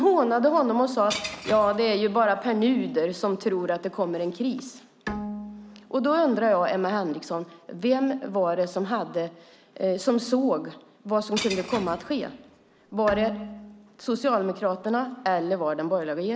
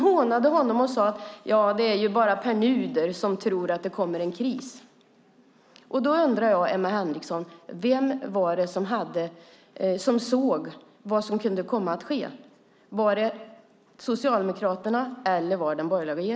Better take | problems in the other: second | background sound (Bowed string instrument + Shatter / Crushing); 14 dB below the speech

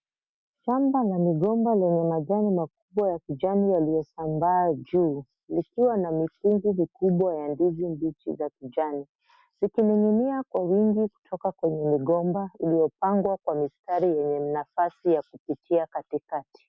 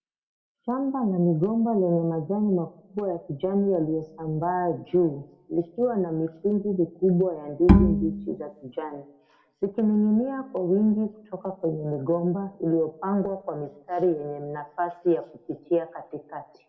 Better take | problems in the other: first | background sound (Bowed string instrument); 4 dB above the speech // room echo; dies away in 0.7 s

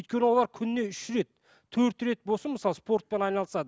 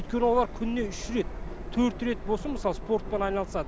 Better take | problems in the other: first | background sound (Subway, metro, underground); 7 dB below the speech

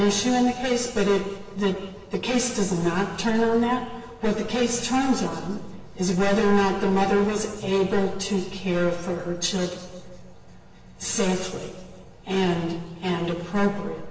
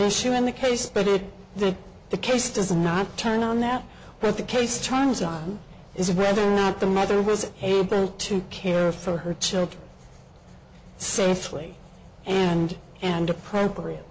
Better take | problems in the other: second | room echo; dies away in 1.3 s

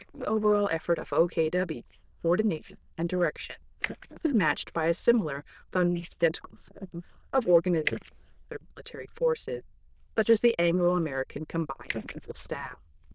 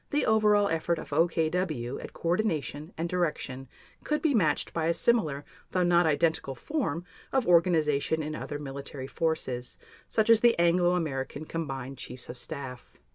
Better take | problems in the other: second | noise reduction (neural diffusion model UNIVERSE++)

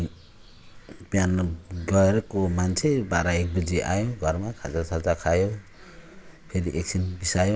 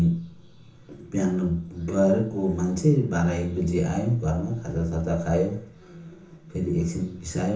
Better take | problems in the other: first | room echo; dies away in 0.7 s

